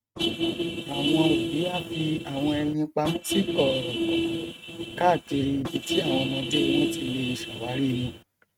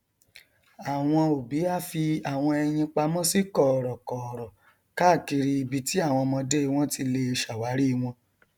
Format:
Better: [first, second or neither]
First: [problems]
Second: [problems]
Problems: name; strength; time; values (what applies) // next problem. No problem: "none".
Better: second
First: noise reduction (neural mask model RNNoise)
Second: none